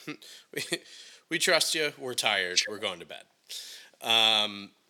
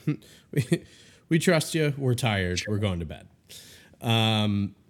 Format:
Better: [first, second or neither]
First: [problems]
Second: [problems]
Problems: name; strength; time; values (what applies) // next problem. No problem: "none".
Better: second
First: thin; very; fading below 600 Hz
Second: none